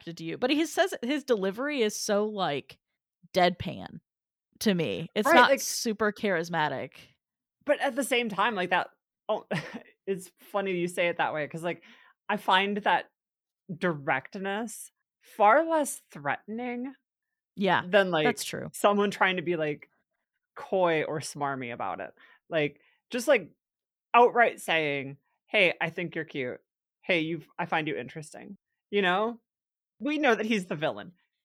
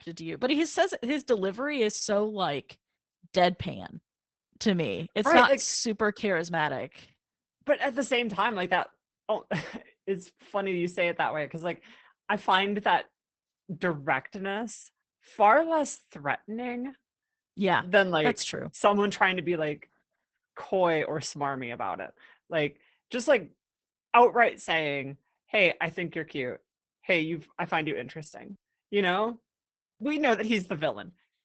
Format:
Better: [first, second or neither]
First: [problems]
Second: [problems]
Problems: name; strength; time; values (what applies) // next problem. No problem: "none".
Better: first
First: none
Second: garbled, watery; badly; nothing above 8 kHz